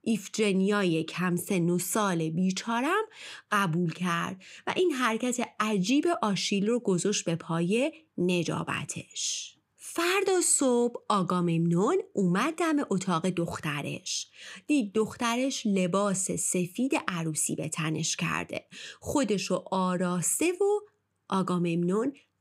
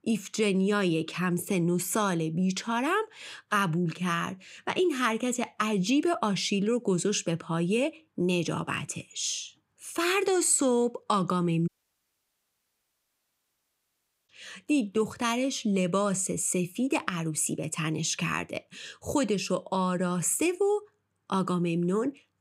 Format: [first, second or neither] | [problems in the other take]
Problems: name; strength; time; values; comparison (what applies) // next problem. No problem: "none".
first | audio cutting out; at 12 s for 2.5 s